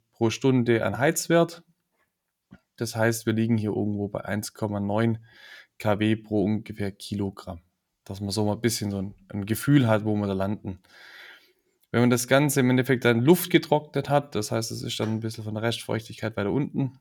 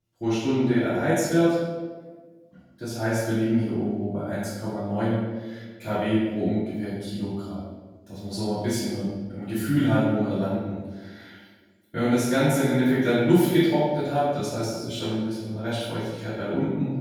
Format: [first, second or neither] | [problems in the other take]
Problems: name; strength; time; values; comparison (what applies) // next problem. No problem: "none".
first | room echo; strong; dies away in 1.1 s // off-mic speech; far